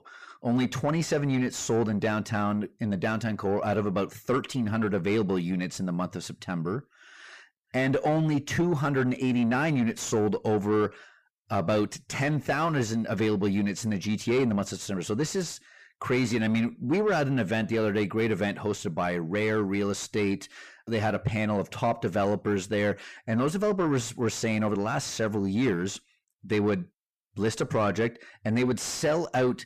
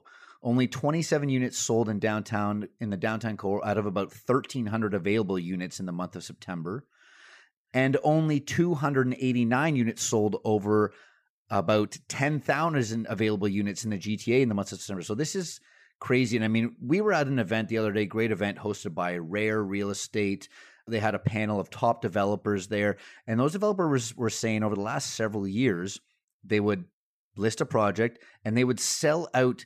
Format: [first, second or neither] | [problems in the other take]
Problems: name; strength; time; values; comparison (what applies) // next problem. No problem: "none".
second | distortion; slight; 10 dB below the speech